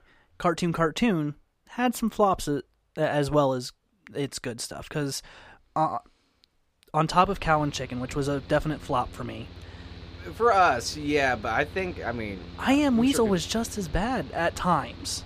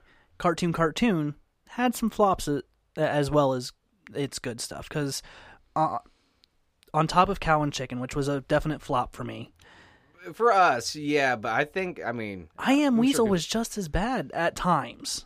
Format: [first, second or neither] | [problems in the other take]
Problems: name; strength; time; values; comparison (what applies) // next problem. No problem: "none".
second | machinery noise; noticeable; from 7.5 s on; 15 dB below the speech